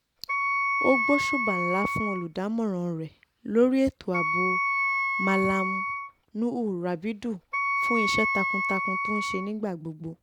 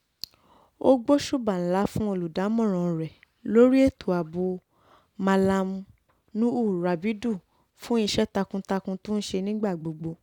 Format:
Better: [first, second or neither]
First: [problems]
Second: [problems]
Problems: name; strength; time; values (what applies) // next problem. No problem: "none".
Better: second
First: background sound (Wind instrument, woodwind instrument); 1 dB above the speech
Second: none